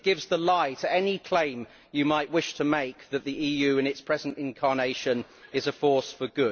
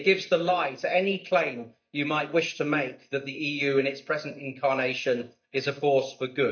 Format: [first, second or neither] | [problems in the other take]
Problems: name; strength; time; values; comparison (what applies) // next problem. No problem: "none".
first | noise reduction (neural mask model DeepFilterNet 3)